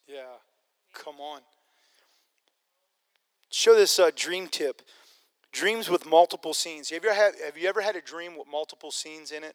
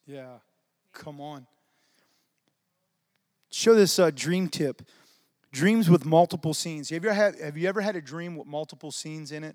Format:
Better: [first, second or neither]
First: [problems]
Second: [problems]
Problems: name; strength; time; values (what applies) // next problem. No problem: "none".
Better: second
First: thin; very; fading below 400 Hz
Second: none